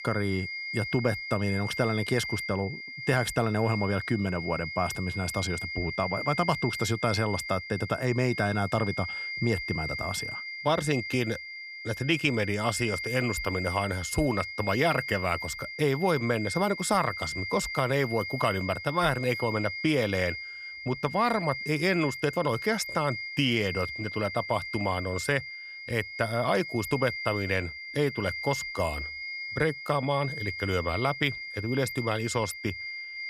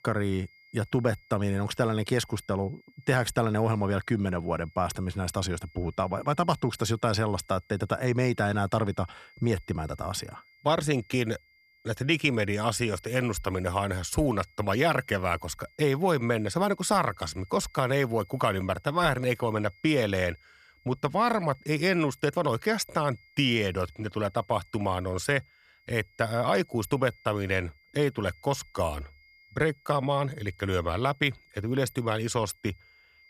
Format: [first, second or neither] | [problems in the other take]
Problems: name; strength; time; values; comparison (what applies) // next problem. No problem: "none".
second | high-pitched whine; loud; throughout; 2 kHz, 6 dB below the speech; faint in the second